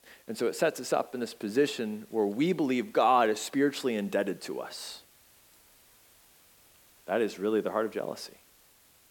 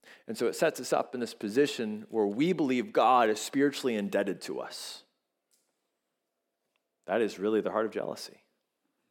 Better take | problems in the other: second | hiss; faint; throughout; 30 dB below the speech

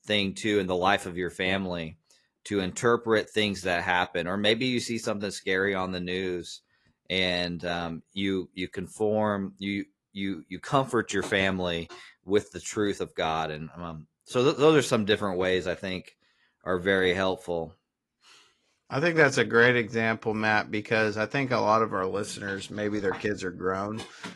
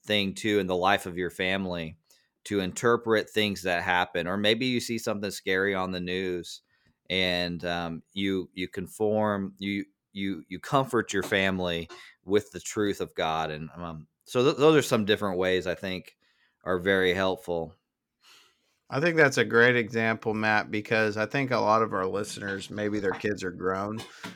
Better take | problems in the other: second | garbled, watery; slightly; nothing above 11.5 kHz

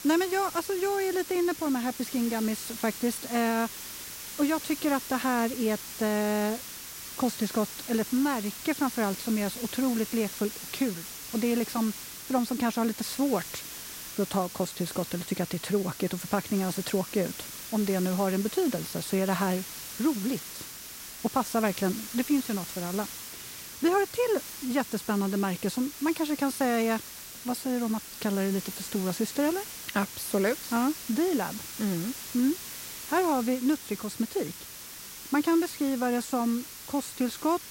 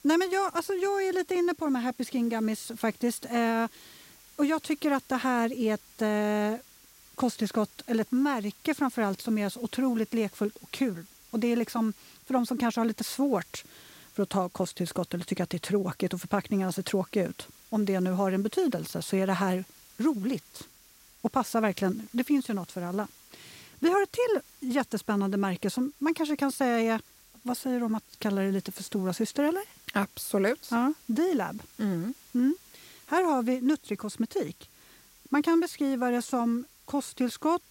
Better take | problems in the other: second | hiss; loud; throughout; 9 dB below the speech; faint in the second

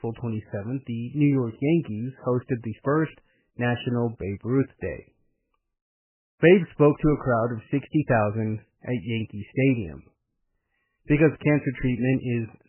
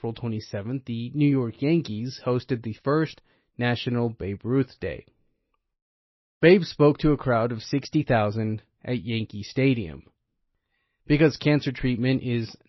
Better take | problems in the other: second | garbled, watery; badly; nothing above 3 kHz; slightly in the second

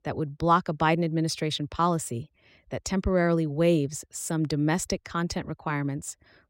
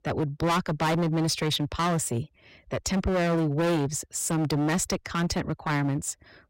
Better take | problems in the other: first | distortion; heavy; 20% of the sound clipped

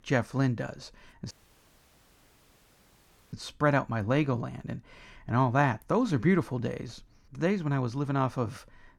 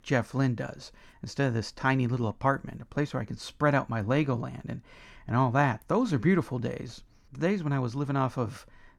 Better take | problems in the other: second | audio cutting out; at 1.5 s for 2 s

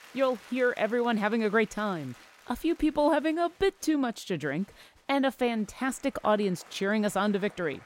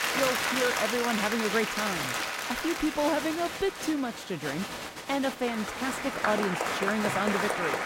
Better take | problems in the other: first | crowd noise; loud; throughout; as loud as the speech; faint in the first

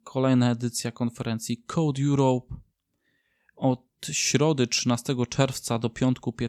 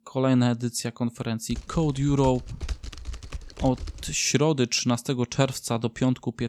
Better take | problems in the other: first | keyboard typing; faint; from 1.5 to 4 s; peak 10 dB below the speech

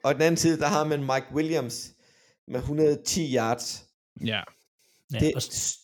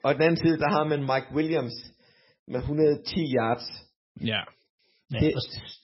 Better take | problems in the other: first | garbled, watery; badly; nothing above 5.5 kHz

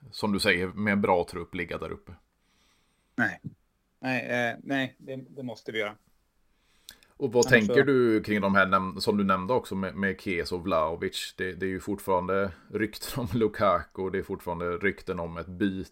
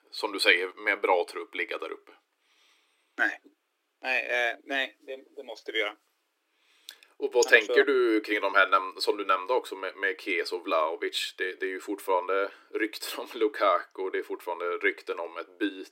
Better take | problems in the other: first | thin; very; fading below 300 Hz

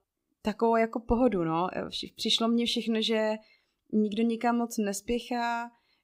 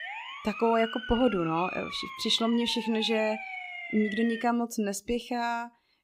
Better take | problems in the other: first | siren; noticeable; until 4.5 s; peak 7 dB below the speech

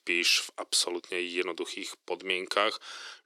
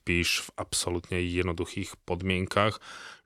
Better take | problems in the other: second | thin; somewhat; fading below 350 Hz

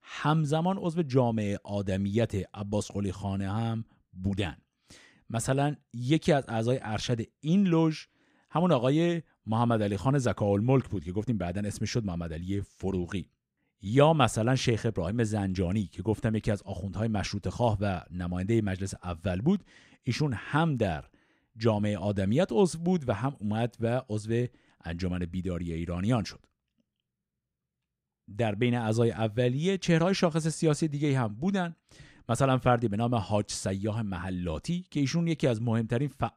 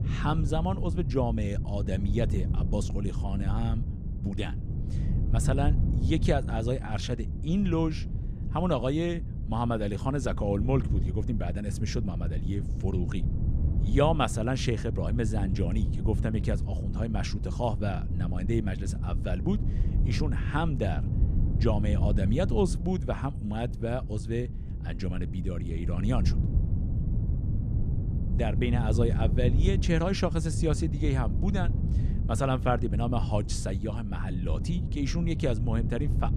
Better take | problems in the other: first | wind noise on the microphone; heavy; 10 dB below the speech

